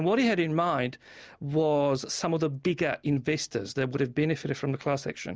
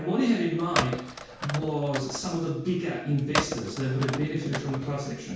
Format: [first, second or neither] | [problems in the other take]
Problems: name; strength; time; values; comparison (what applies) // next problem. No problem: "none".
first | background sound (Telephone); 6 dB below the speech // room echo; dies away in 0.6 s